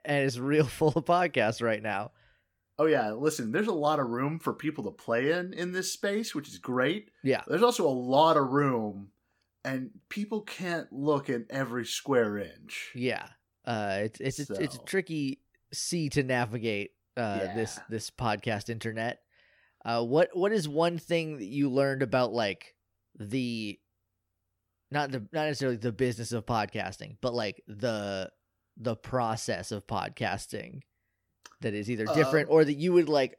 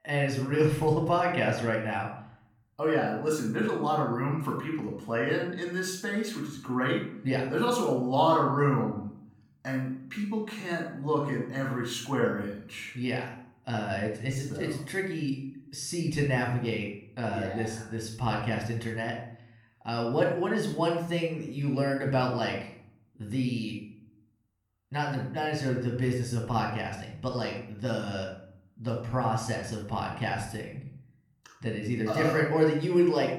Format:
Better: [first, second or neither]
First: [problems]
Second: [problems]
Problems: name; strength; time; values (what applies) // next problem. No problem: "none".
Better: first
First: none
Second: off-mic speech; somewhat distant // room echo; noticeable; dies away in 0.6 s